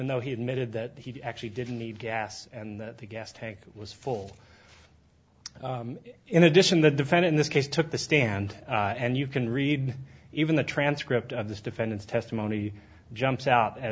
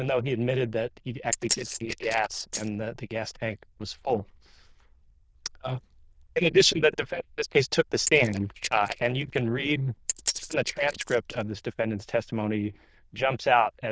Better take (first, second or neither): first